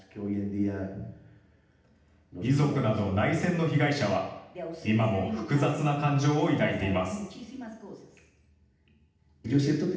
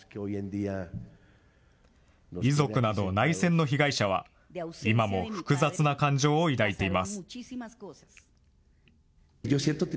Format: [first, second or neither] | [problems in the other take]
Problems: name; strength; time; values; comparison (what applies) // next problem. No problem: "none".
second | room echo; dies away in 0.8 s